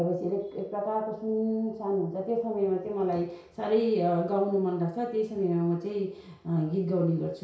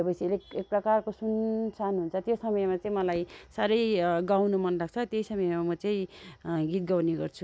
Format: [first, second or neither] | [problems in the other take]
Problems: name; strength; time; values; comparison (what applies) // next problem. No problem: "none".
second | room echo; dies away in 0.6 s